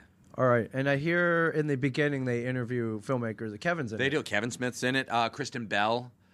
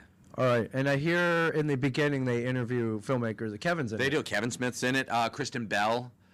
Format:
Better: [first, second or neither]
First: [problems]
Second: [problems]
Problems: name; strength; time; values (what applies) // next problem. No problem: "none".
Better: first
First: none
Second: distortion; slight; 6% of the sound clipped